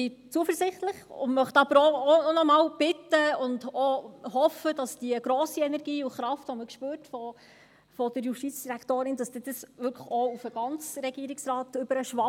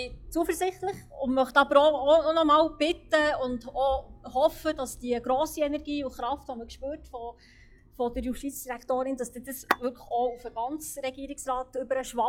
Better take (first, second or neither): first